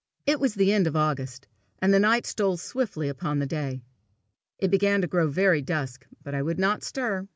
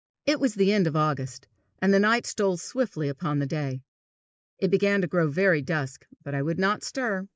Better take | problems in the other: first | noise reduction (neural mask model Resemble Enhance denoiser)

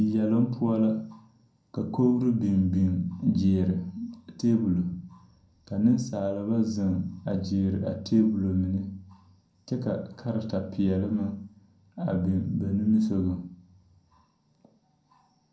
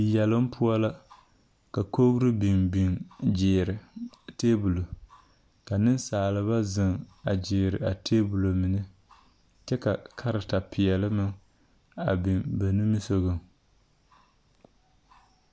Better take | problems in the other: second | room echo; dies away in 0.5 s

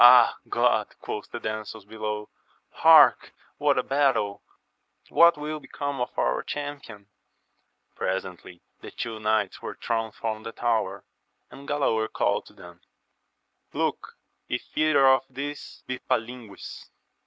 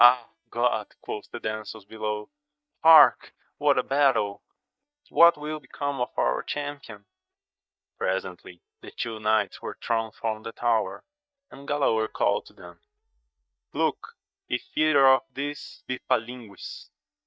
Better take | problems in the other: first | noise reduction (neural mask model DeepFilterNet 3)

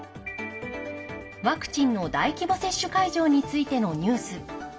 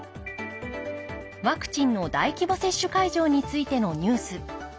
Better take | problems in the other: second | room echo; dies away in 3 s

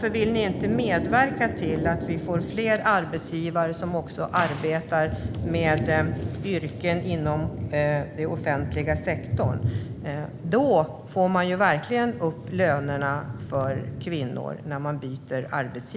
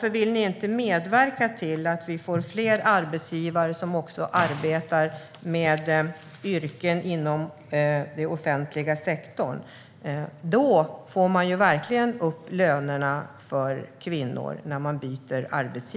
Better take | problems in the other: second | background sound (Thunder); 6 dB below the speech

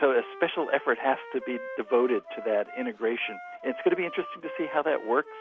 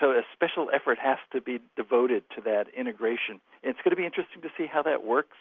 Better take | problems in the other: second | background sound (Wind instrument, woodwind instrument); 14 dB below the speech

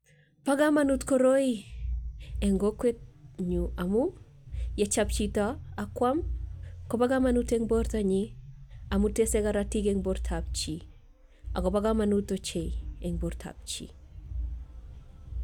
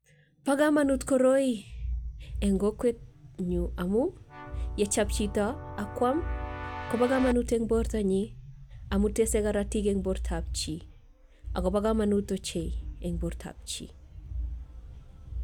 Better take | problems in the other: first | background sound (Keyboard (musical)); 12 dB below the speech

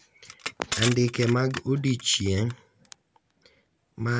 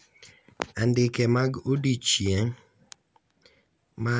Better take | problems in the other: second | background sound (Crushing); 9 dB below the speech

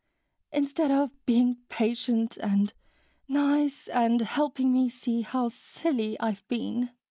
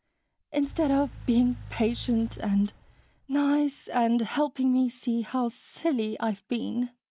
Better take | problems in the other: first | background sound (Engine / Car); 17 dB below the speech

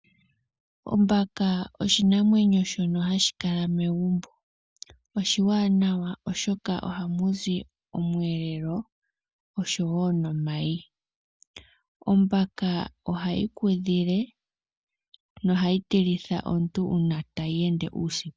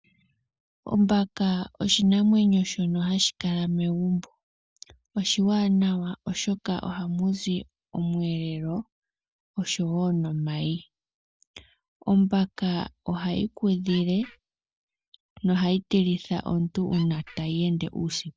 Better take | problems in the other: first | noise reduction (neural separator model SepFormer DNS4)

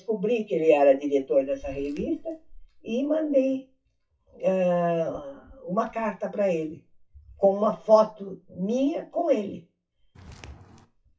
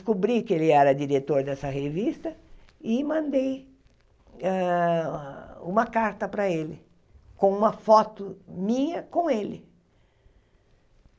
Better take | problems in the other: second | noise reduction (classical method WPE with log-MMSE)

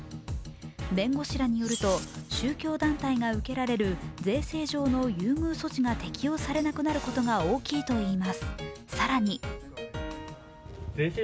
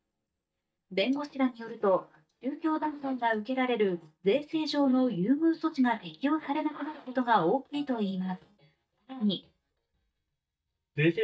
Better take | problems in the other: first | noise reduction (neural mask model DeepFilterNet 3)

